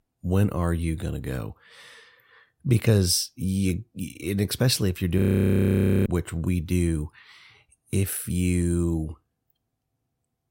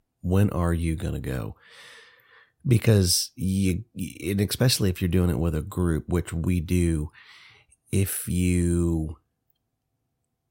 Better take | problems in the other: second | audio freezing; at 5 s for 1 s

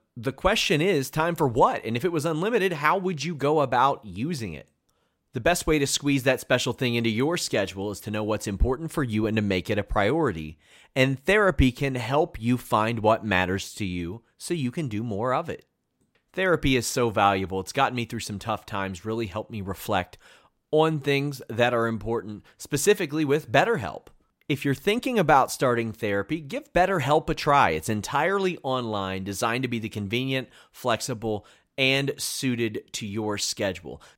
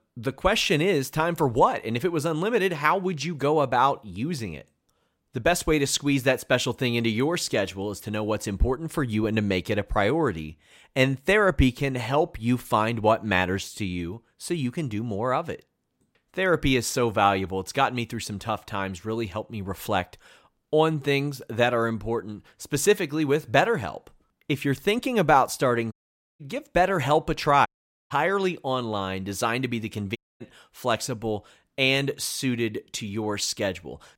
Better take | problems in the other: first | audio cutting out; at 26 s, at 28 s and at 30 s

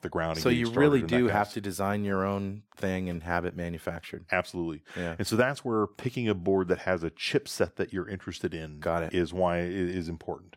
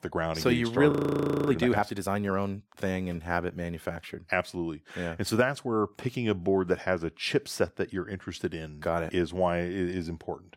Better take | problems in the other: first | audio freezing; at 1 s for 0.5 s

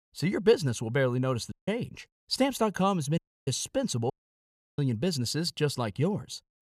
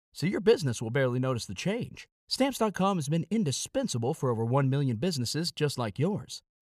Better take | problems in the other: second | audio cutting out; at 1.5 s, at 3 s and at 4 s for 0.5 s

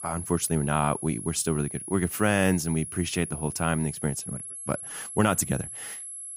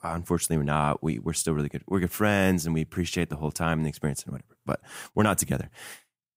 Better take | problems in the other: second | high-pitched whine; loud; throughout; 11 kHz, 9 dB below the speech

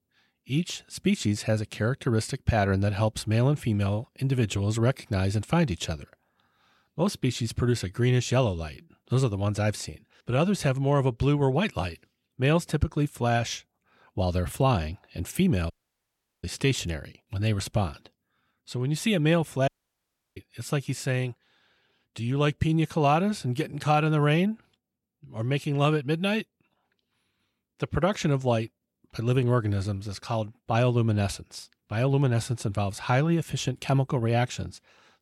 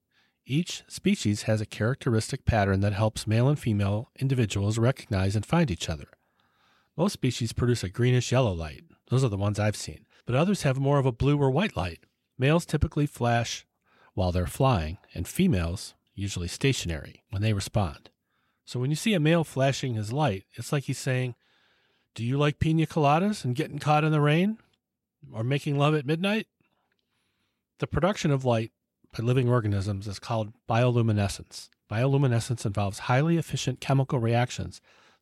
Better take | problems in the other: second | audio cutting out; at 16 s for 0.5 s and at 20 s for 0.5 s

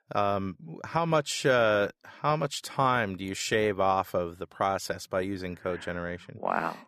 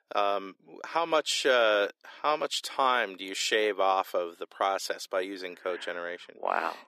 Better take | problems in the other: first | thin; somewhat; fading below 300 Hz

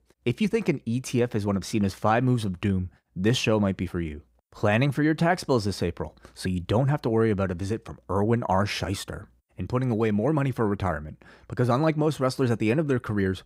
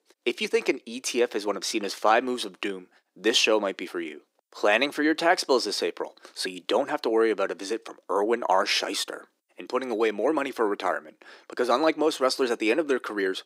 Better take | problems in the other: first | thin; somewhat; fading below 300 Hz

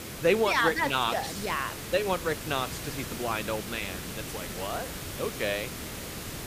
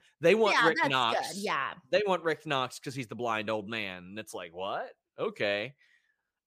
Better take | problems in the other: second | hiss; loud; throughout; 7 dB below the speech

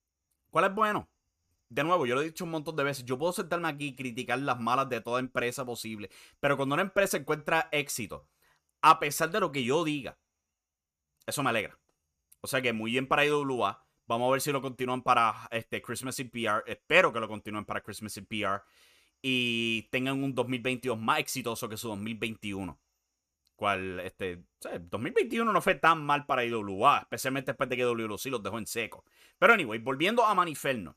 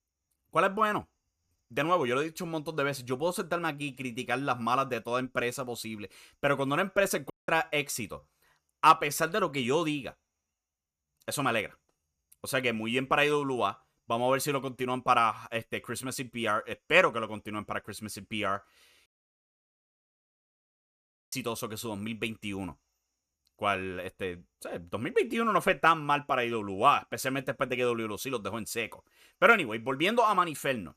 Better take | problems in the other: first | audio cutting out; at 7.5 s and at 19 s for 2.5 s

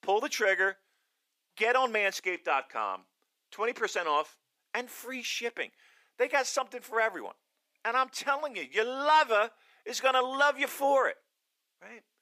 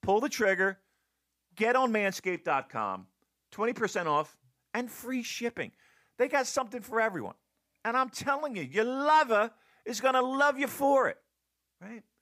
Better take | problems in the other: second | thin; somewhat; fading below 350 Hz

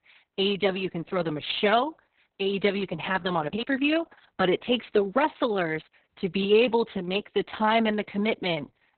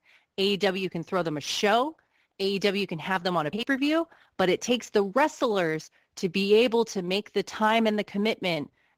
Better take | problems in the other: second | garbled, watery; badly; nothing above 4 kHz; slightly in the second

